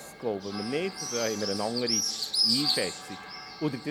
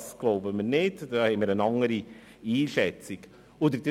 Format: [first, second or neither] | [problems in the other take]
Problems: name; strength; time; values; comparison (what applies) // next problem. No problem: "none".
second | background sound (Bird); 1 dB above the speech